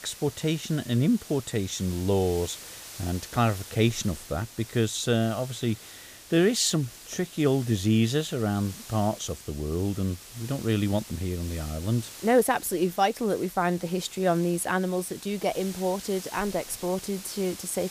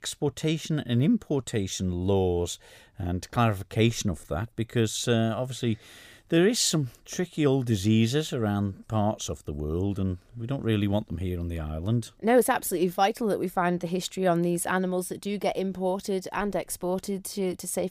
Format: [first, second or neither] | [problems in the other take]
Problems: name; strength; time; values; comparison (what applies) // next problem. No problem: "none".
second | hiss; noticeable; throughout; 15 dB below the speech